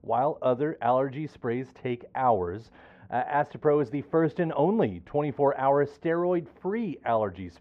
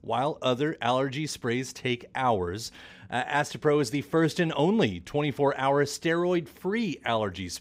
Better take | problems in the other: second | muffled; very; fading above 3.5 kHz

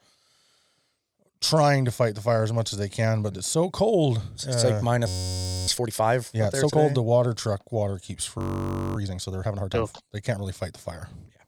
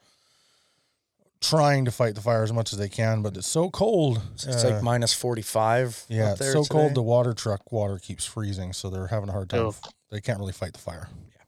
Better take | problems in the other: second | audio freezing; at 5 s for 0.5 s and at 8.5 s for 0.5 s

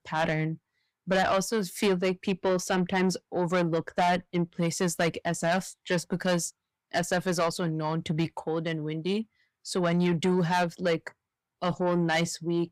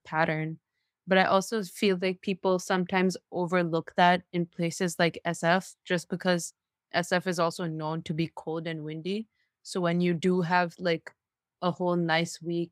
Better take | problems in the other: second | distortion; heavy; 8 dB below the speech

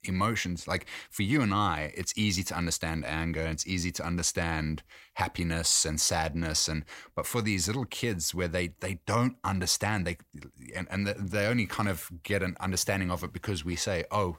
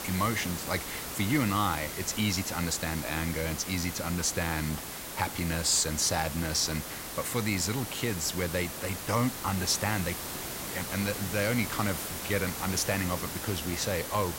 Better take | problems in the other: first | hiss; loud; throughout; 6 dB below the speech

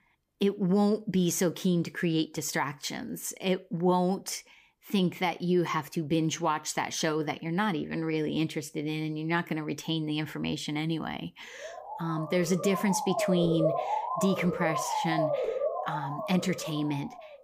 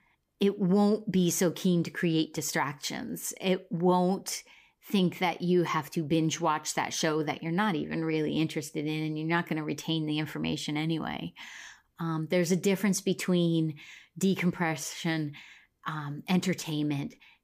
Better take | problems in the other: second | siren; loud; from 12 s on; peak 1 dB above the speech

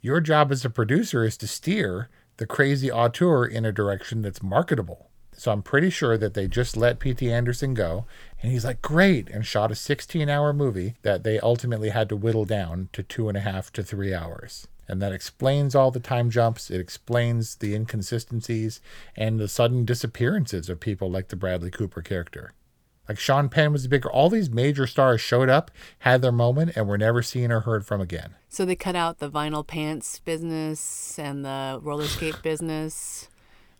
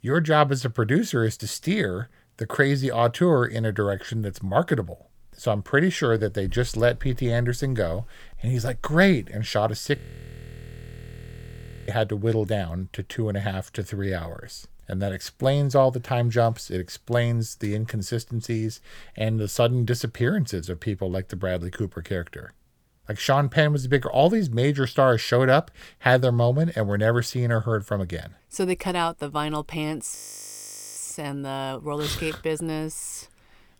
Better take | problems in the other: first | audio freezing; at 10 s for 2 s and at 30 s for 1 s

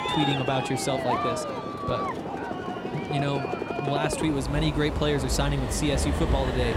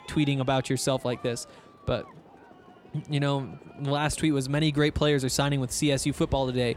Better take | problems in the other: second | train or aircraft noise; loud; throughout; 2 dB below the speech; faint in the second

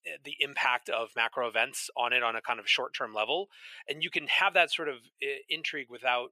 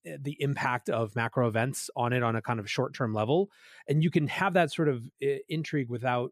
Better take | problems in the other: second | thin; very; fading below 700 Hz

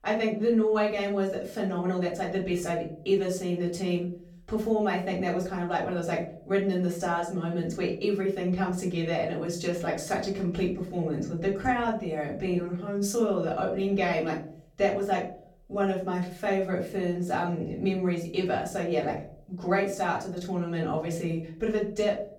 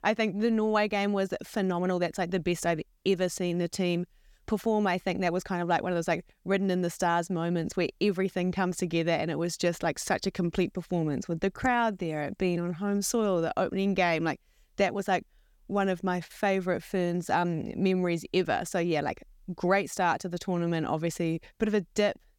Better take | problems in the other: second | off-mic speech; far // room echo; slight; dies away in 0.5 s

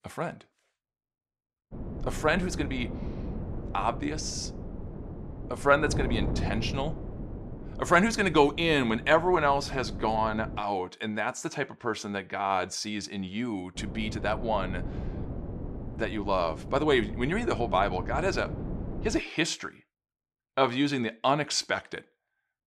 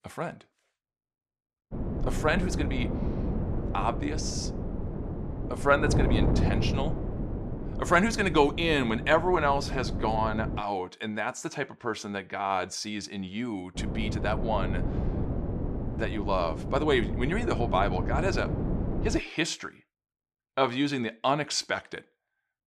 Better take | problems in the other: first | wind noise on the microphone; heavy; from 1.5 to 11 s and from 14 to 19 s; 10 dB below the speech; occasional gusts in the first

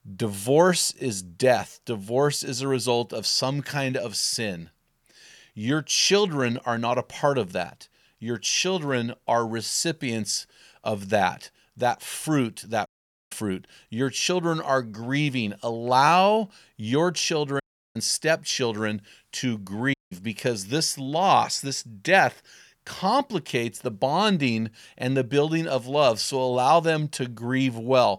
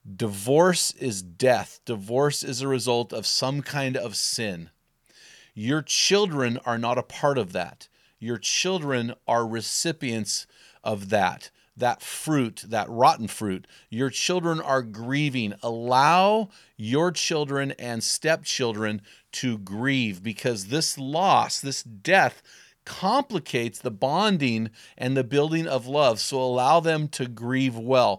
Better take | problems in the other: second | audio cutting out; at 13 s, at 18 s and at 20 s

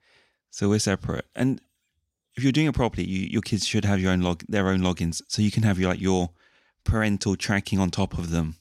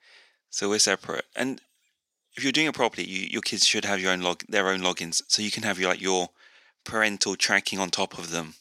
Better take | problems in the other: first | thin; somewhat; fading below 400 Hz

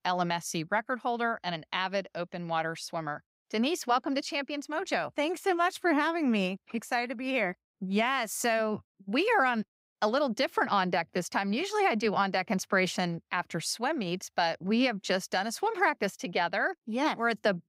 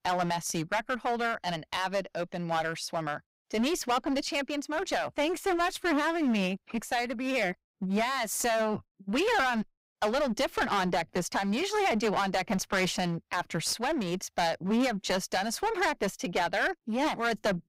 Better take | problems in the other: first | distortion; heavy; 13% of the sound clipped

